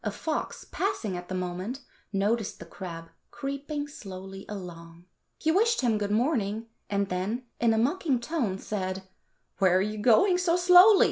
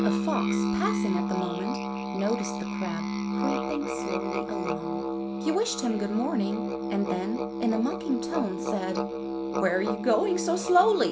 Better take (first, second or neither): first